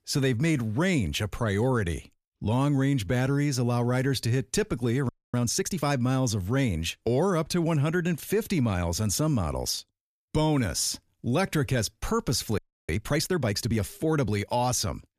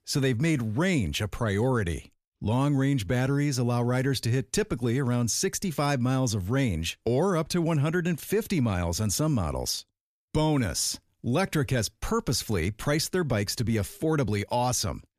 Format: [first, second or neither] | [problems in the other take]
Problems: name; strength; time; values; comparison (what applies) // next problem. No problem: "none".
second | audio freezing; at 5 s and at 13 s